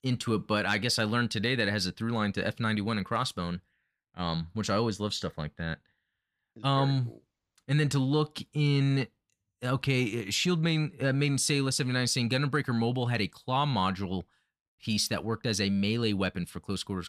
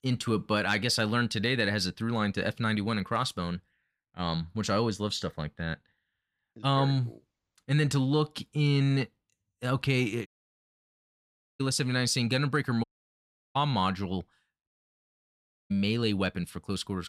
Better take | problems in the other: first | audio cutting out; at 10 s for 1.5 s, at 13 s for 0.5 s and at 15 s for 1 s

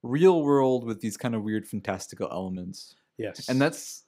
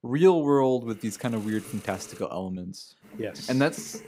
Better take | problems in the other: first | hiss; noticeable; from 1 to 2 s and from 3 s on; 20 dB below the speech

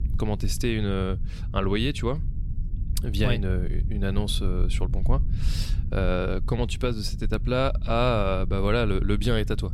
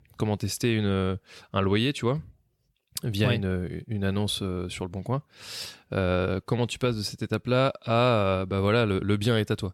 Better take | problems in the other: second | low rumble; noticeable; throughout; 20 dB below the speech

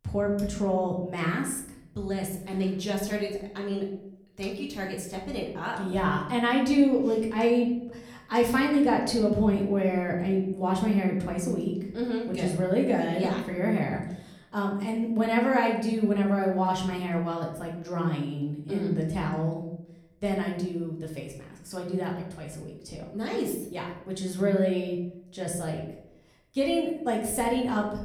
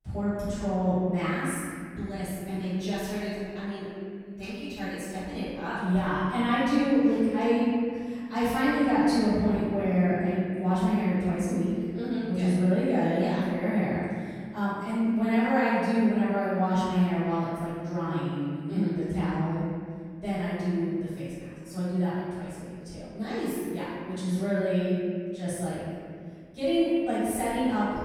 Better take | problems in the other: first | room echo; strong; dies away in 2.2 s; slight in the first // off-mic speech; far; far in the first

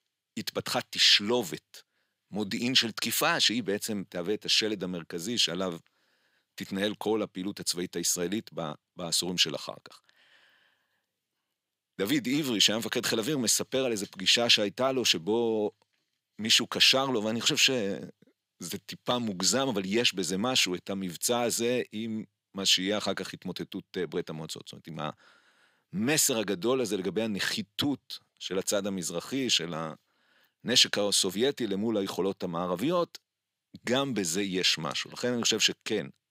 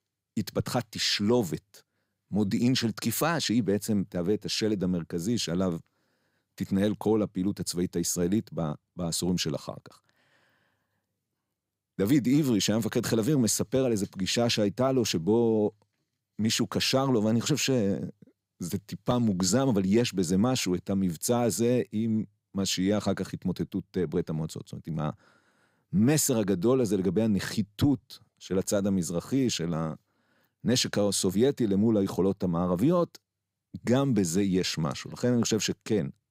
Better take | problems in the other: second | thin; very slightly; fading below 950 Hz

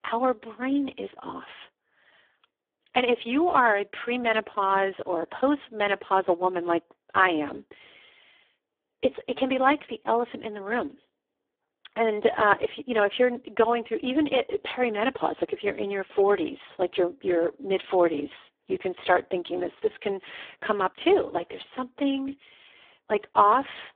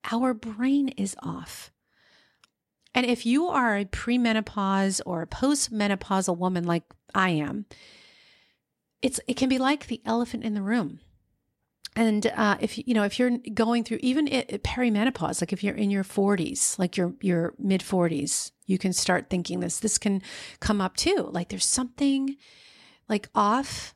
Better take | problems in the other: second | phone-call audio; poor line

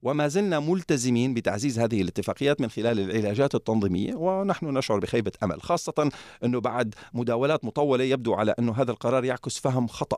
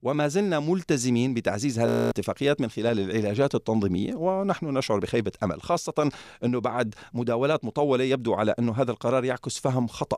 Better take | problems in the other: first | audio freezing; at 2 s

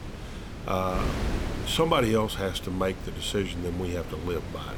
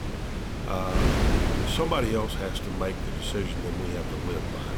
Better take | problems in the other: first | wind noise on the microphone; heavy; 2 dB below the speech; occasional gusts in the first

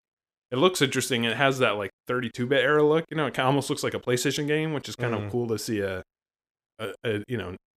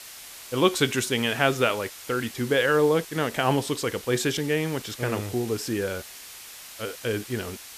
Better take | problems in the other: first | hiss; noticeable; throughout; 15 dB below the speech

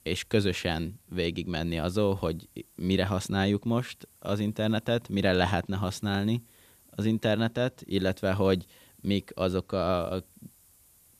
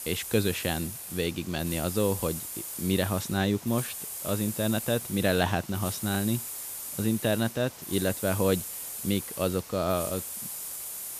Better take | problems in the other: first | hiss; loud; throughout; 6 dB below the speech; faint in the first

